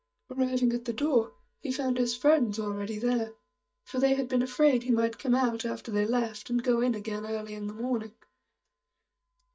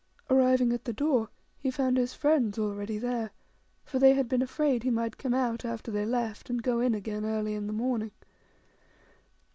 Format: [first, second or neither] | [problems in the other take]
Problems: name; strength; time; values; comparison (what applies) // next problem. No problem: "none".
second | noise reduction (neural mask model DeepFilterNet 3)